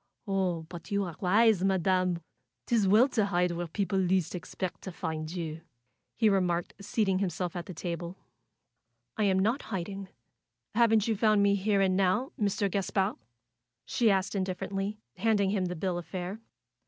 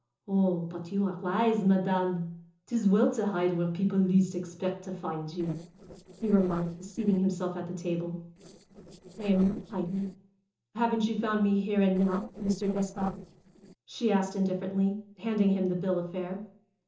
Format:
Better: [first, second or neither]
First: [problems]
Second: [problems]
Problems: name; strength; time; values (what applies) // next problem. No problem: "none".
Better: first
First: none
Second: noise reduction (neural separator model SepFormer DNS4)